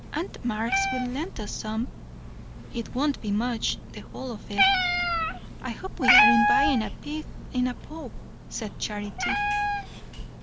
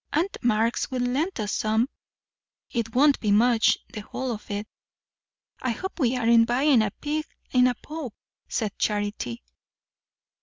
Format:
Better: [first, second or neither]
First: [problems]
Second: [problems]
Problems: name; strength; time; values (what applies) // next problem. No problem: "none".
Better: second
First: background sound (Meow); 3 dB above the speech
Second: none